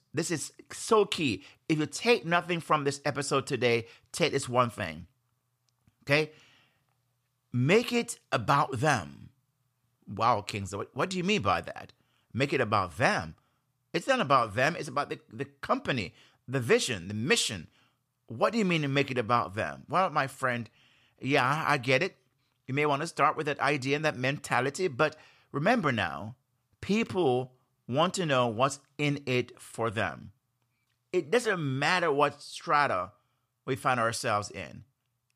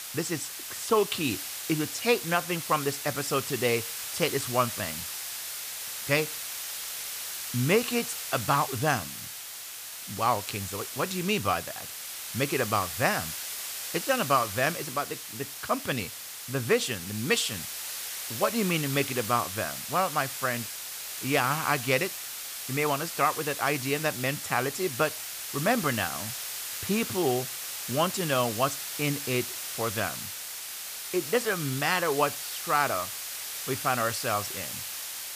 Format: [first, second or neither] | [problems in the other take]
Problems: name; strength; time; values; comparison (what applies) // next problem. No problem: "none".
first | hiss; loud; throughout; 5 dB below the speech